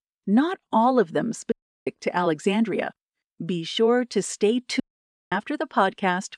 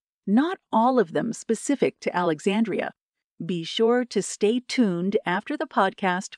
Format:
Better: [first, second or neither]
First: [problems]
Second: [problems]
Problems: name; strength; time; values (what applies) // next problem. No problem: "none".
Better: second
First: audio cutting out; at 1.5 s and at 5 s for 0.5 s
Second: none